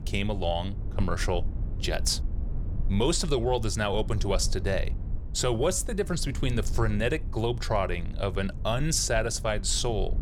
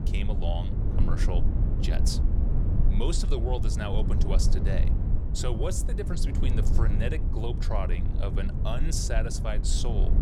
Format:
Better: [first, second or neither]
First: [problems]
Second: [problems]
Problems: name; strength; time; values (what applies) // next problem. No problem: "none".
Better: first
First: low rumble; faint; throughout; 20 dB below the speech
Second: low rumble; loud; throughout; 6 dB below the speech